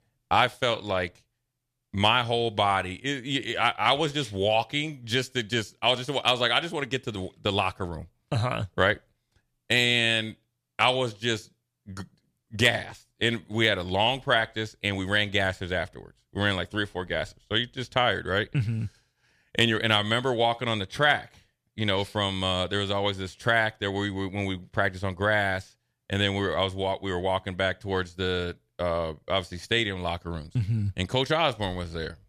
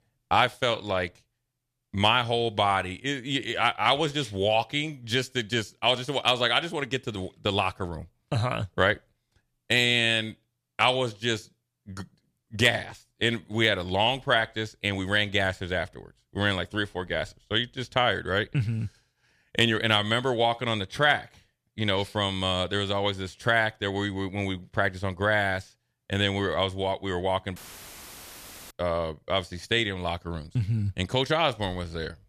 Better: first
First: none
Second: audio cutting out; filled with static; at 28 s for 1 s

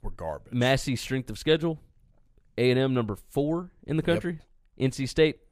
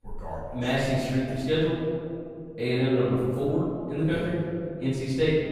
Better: first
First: none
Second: off-mic speech; far // room echo; strong; dies away in 2.2 s

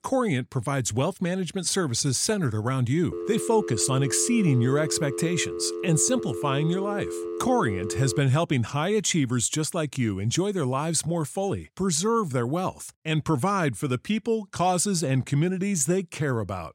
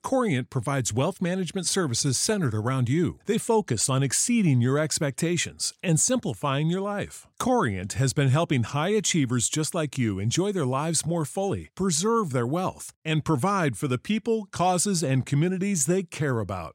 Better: second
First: phone ringing; noticeable; from 3 to 8 s; peak 7 dB below the speech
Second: none

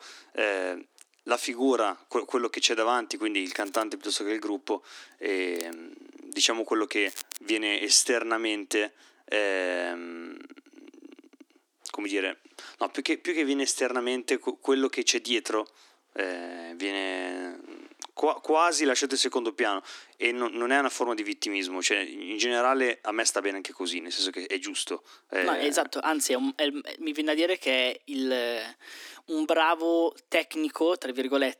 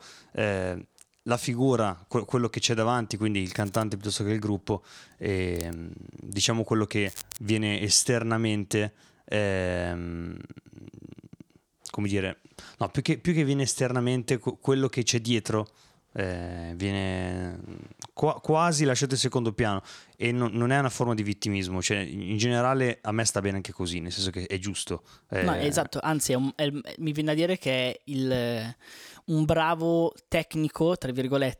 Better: second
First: thin; somewhat; fading below 250 Hz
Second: none

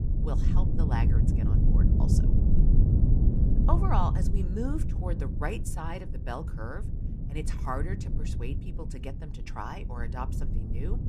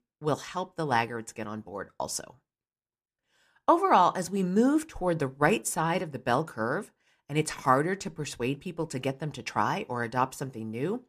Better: second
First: low rumble; loud; throughout; 3 dB below the speech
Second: none

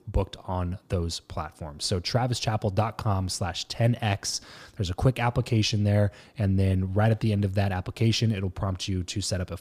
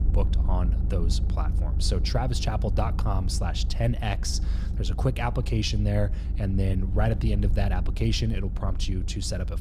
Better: first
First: none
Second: low rumble; noticeable; throughout; 15 dB below the speech

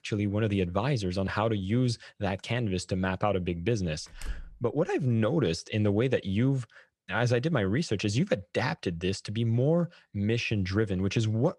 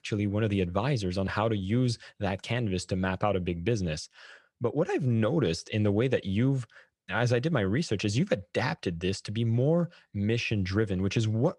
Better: second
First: door banging; faint; at 4 s; peak 15 dB below the speech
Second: none

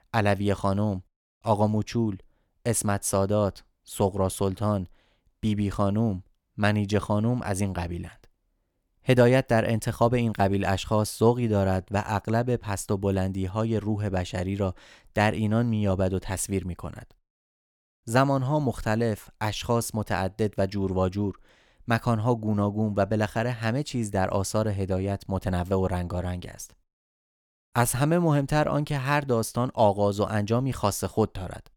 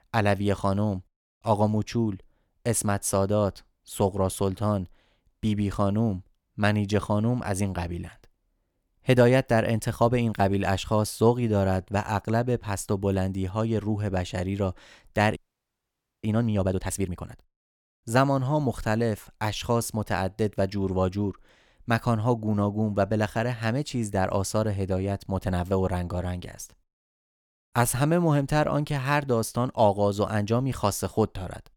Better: first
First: none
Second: audio freezing; at 15 s for 1 s

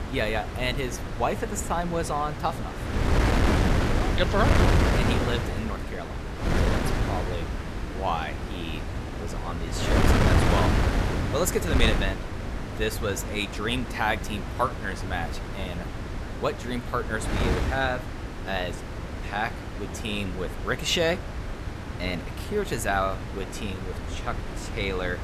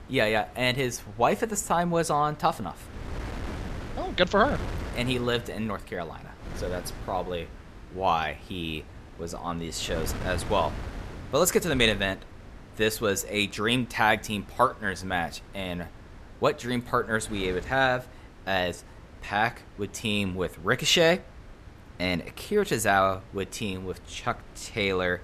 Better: second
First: wind noise on the microphone; heavy; 3 dB below the speech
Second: wind noise on the microphone; occasional gusts; 20 dB below the speech

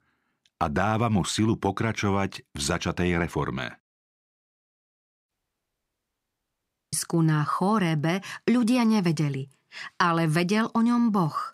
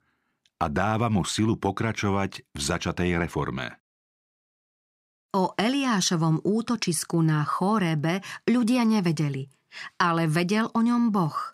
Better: second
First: audio cutting out; at 5.5 s for 1.5 s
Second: none

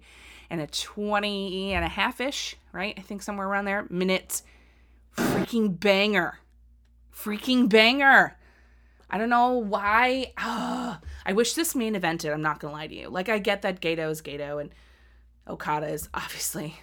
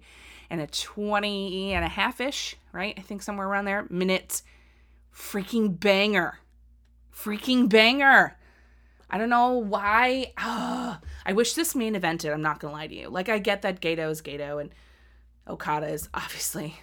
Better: second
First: door banging; noticeable; at 5 s; peak 2 dB below the speech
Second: none

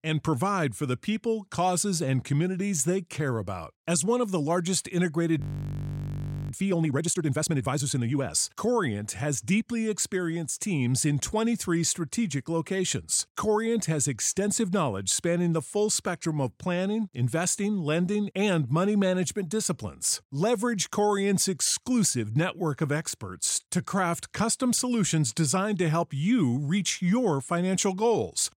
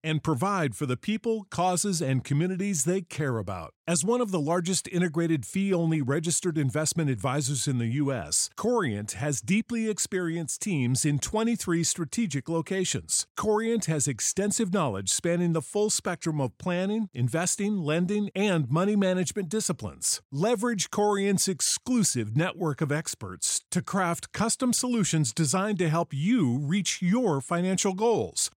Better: second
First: audio freezing; at 5.5 s for 1 s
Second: none

